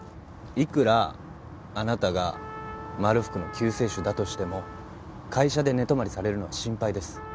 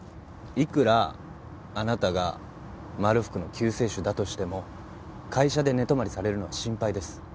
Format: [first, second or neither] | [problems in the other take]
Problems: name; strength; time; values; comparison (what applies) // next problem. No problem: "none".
second | background sound (Trumpet); 18 dB below the speech